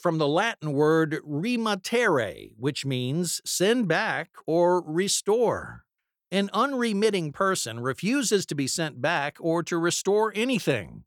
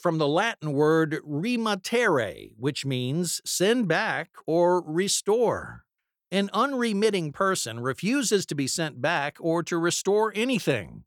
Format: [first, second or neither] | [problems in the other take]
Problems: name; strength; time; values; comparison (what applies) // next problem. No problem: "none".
neither | none